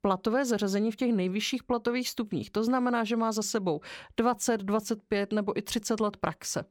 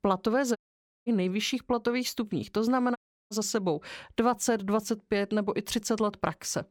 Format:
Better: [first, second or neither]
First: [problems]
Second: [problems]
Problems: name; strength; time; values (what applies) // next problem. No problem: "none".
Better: first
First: none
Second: audio cutting out; at 0.5 s for 0.5 s and at 3 s